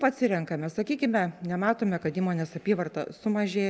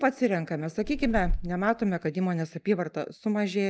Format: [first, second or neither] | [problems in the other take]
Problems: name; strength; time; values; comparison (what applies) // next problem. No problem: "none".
first | noise reduction (neural mask model DeepFilterNet 3)